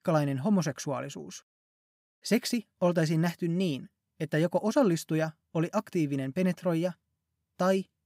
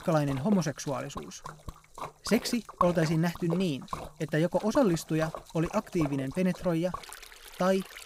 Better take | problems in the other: first | rain or running water; noticeable; throughout; 10 dB below the speech

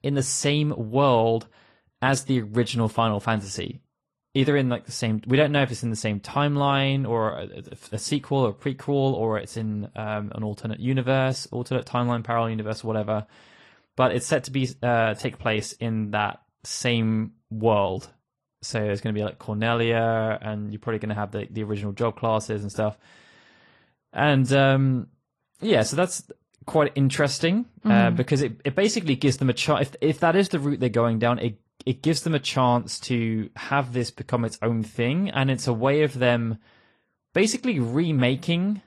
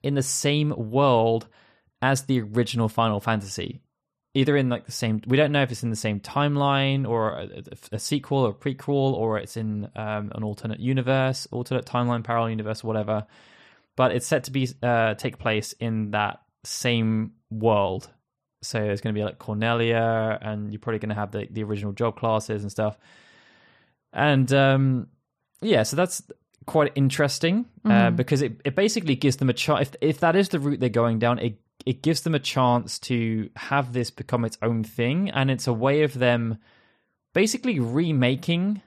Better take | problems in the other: second | garbled, watery; slightly

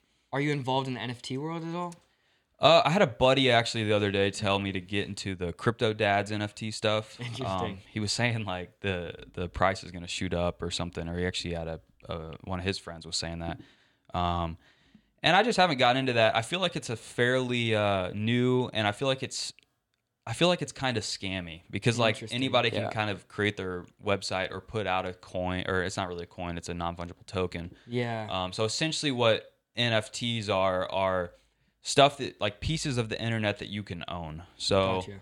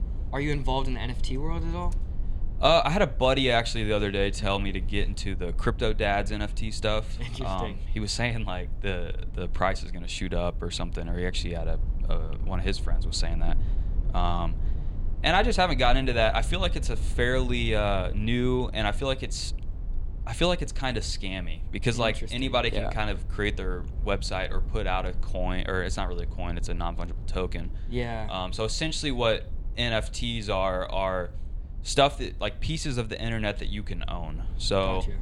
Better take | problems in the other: first | low rumble; faint; throughout; 25 dB below the speech

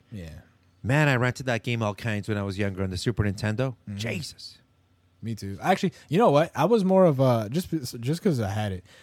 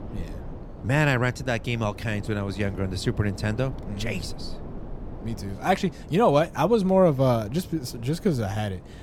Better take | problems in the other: first | wind noise on the microphone; occasional gusts; 20 dB below the speech

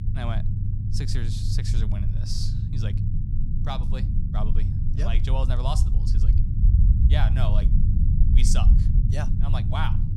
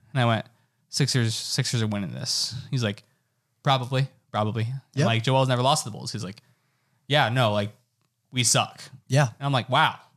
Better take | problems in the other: second | low rumble; loud; throughout; 4 dB below the speech

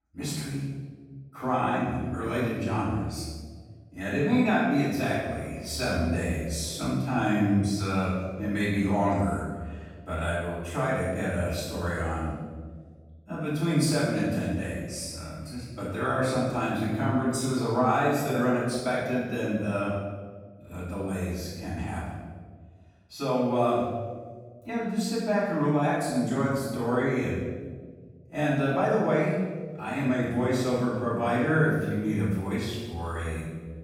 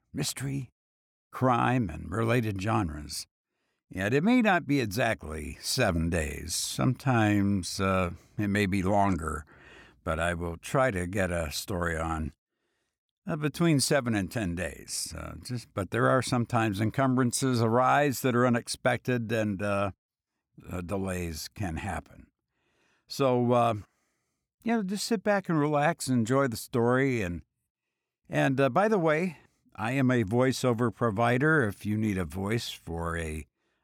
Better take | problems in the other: second | off-mic speech; far // room echo; strong; dies away in 1.4 s

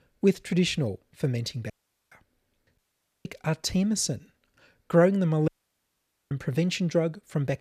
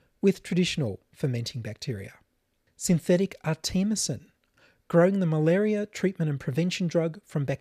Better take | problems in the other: second | audio cutting out; at 1.5 s, at 3 s and at 5.5 s for 1 s

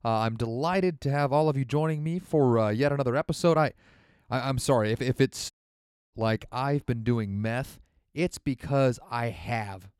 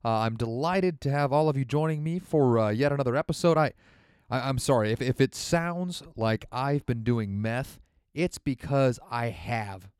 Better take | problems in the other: second | audio cutting out; at 5.5 s for 0.5 s

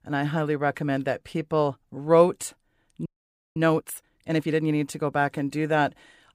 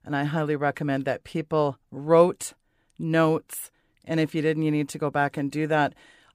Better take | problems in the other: second | audio freezing; at 3 s for 0.5 s

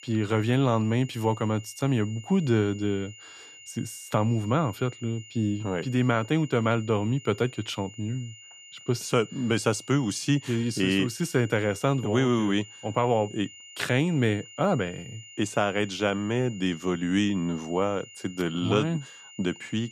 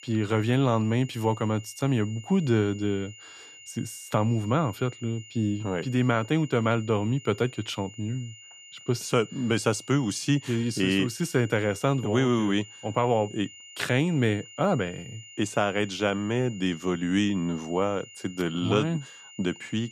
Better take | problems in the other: neither | high-pitched whine; noticeable; throughout; 3 kHz, 20 dB below the speech; the same in both

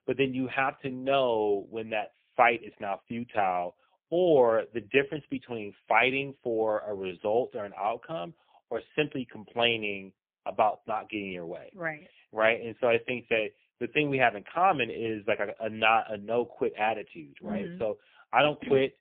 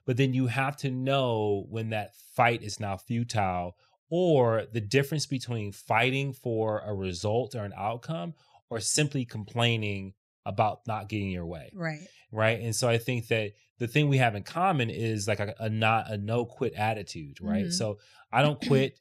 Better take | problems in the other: second | phone-call audio; poor line; nothing above 3 kHz

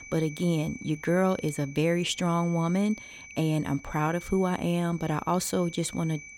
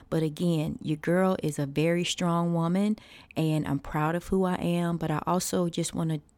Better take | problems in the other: second | high-pitched whine; noticeable; throughout; 2.5 kHz, 15 dB below the speech

